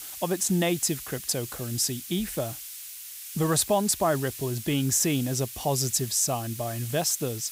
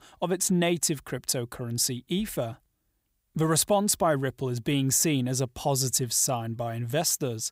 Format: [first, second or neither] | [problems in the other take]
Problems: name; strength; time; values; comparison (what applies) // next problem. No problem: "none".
second | hiss; noticeable; throughout; 10 dB below the speech